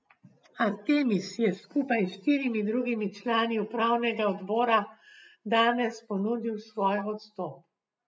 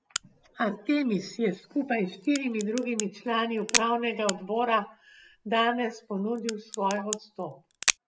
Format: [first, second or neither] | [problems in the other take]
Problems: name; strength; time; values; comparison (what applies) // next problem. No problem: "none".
first | background sound (Crack); 7 dB below the speech